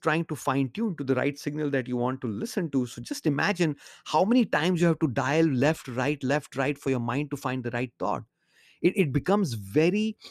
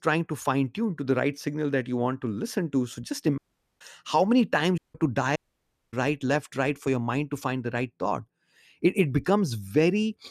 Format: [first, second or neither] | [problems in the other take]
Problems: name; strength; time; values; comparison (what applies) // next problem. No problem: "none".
first | audio cutting out; at 3.5 s, at 5 s and at 5.5 s for 0.5 s